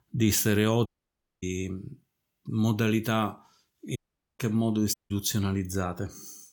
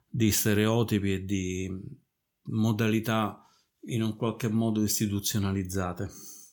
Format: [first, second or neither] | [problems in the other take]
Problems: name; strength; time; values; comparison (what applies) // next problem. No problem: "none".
second | audio cutting out; at 1 s for 0.5 s, at 4 s and at 5 s